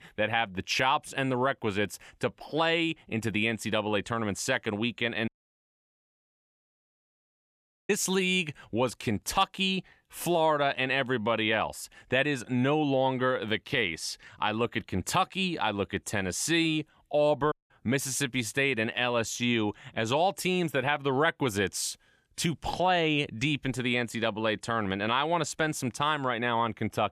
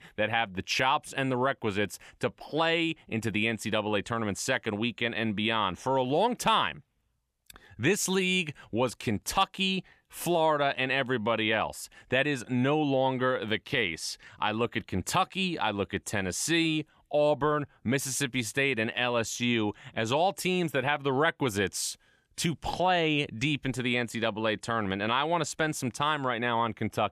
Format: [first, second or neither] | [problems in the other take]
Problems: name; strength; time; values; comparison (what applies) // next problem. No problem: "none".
second | audio cutting out; at 5.5 s for 2.5 s and at 18 s